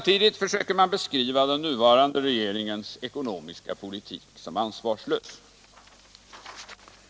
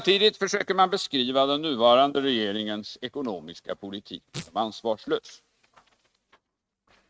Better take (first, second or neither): first